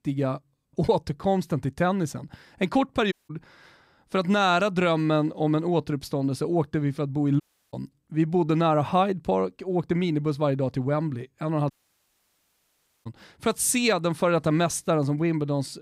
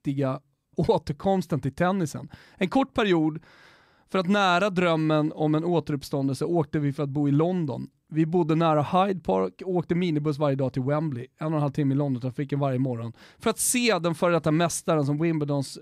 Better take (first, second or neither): second